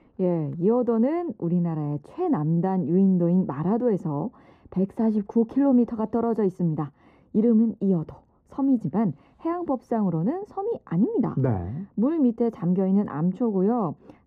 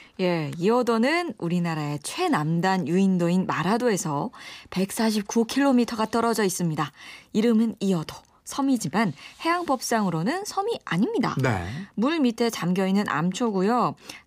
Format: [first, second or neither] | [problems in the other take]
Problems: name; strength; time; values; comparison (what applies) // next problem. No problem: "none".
second | muffled; very; fading above 1.5 kHz